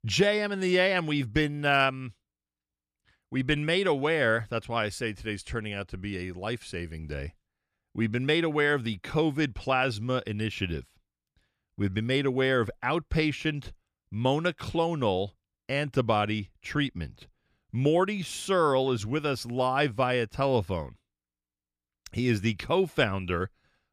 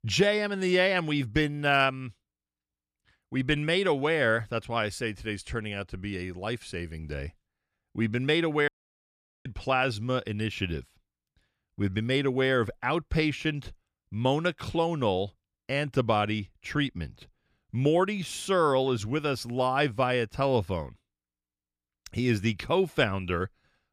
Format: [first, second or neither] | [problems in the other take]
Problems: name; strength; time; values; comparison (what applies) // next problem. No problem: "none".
first | audio cutting out; at 8.5 s for 1 s